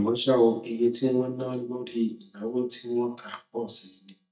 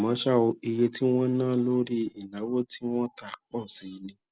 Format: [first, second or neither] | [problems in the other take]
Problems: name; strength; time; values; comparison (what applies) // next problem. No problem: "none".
second | noise reduction (neural mask model DeepFilterNet 3)